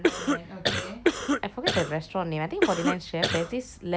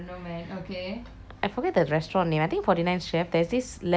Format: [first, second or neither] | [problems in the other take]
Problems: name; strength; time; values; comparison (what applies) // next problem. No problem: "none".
second | background sound (Cough); 4 dB above the speech